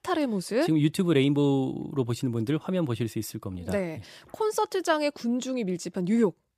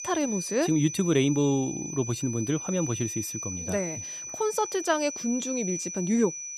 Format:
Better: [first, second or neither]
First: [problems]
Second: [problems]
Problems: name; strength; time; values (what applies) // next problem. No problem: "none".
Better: first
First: none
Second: high-pitched whine; loud; throughout; 6 kHz, 6 dB below the speech